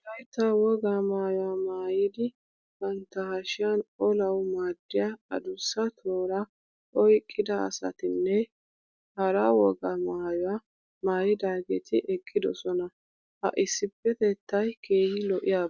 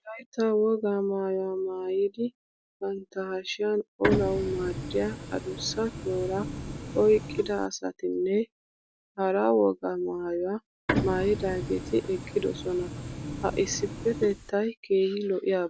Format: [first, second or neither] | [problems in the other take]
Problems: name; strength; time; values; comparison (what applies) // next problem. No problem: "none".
first | background sound (Printer); 6 dB below the speech